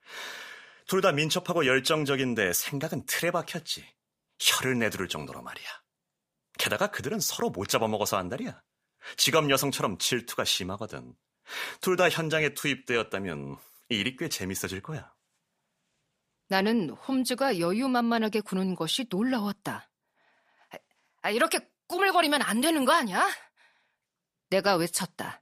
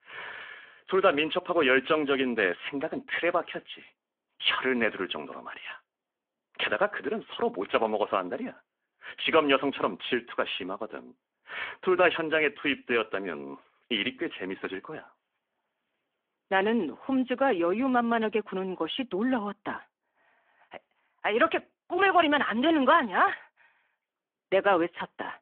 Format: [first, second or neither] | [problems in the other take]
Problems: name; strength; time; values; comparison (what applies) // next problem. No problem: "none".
first | phone-call audio; nothing above 3.5 kHz